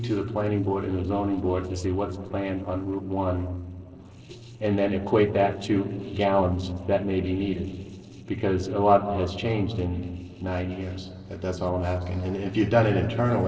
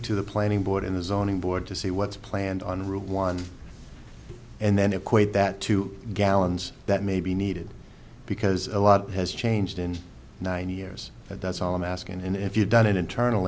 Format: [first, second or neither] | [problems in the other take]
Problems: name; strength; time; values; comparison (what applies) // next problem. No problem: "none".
second | noise reduction (neural separator model SepFormer DNS4)